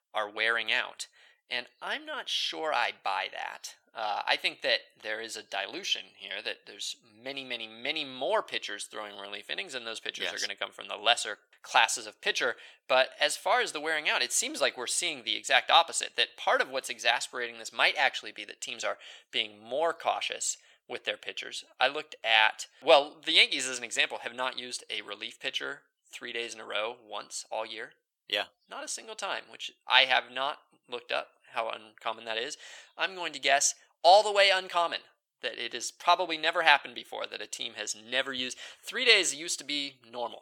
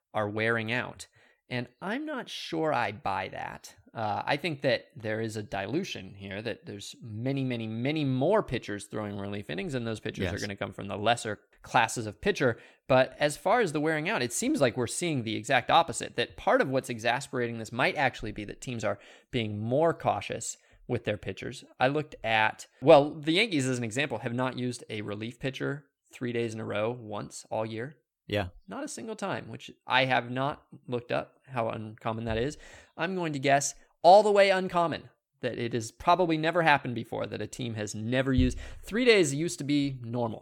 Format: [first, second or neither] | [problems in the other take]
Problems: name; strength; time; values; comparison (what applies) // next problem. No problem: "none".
second | thin; very; fading below 700 Hz